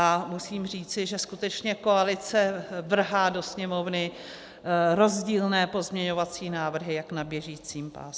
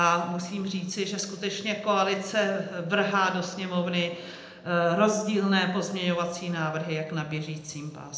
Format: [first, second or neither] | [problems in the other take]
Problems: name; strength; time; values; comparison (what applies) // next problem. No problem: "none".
first | room echo; dies away in 0.7 s